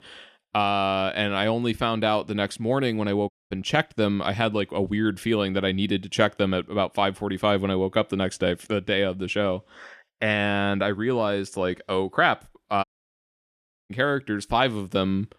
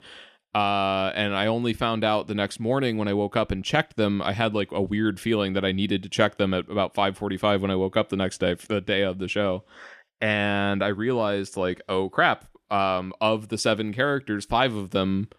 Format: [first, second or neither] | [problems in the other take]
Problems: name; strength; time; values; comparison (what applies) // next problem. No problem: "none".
second | audio cutting out; at 3.5 s and at 13 s for 1 s